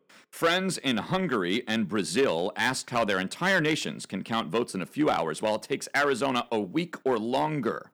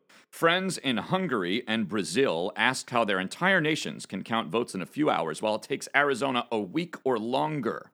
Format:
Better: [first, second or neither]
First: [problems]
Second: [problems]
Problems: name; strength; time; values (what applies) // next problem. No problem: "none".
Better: second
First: distortion; slight; 2% of the sound clipped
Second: none